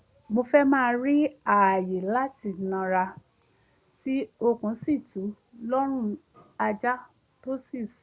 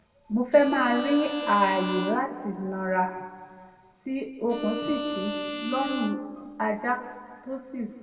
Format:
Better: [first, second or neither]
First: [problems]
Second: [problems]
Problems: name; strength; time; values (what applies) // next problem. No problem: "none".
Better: first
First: none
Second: background sound (Bowed string instrument); 8 dB below the speech // room echo; dies away in 1.7 s